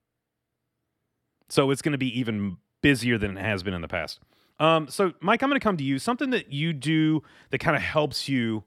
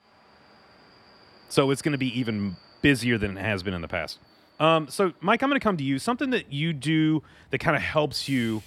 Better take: first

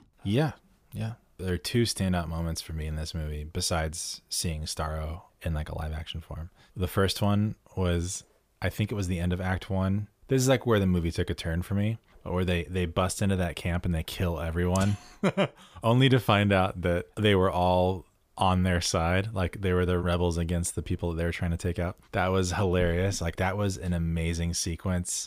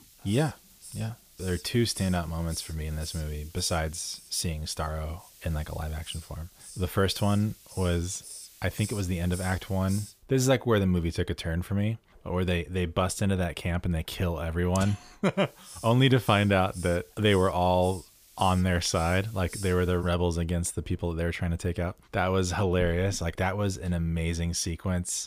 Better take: first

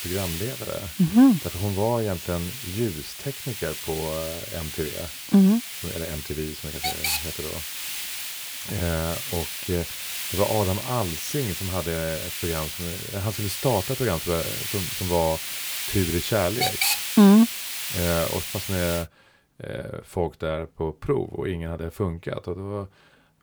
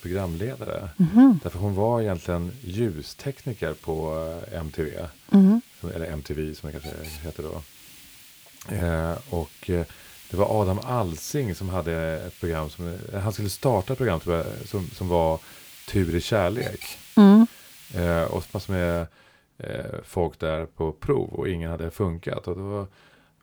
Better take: second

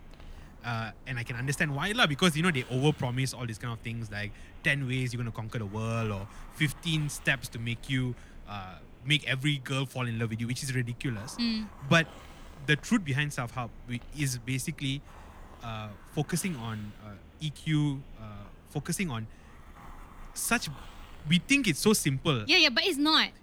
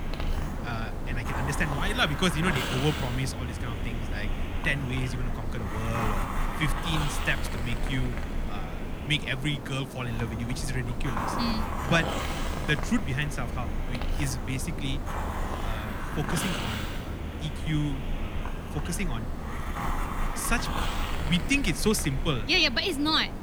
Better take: first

